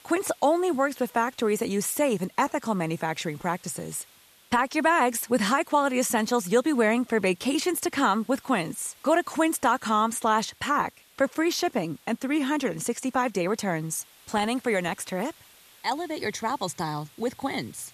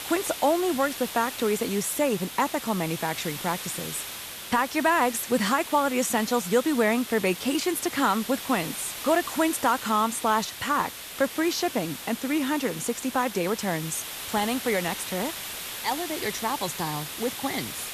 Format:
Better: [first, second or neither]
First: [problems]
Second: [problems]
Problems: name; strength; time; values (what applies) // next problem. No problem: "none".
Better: first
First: hiss; faint; throughout; 25 dB below the speech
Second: hiss; loud; throughout; 8 dB below the speech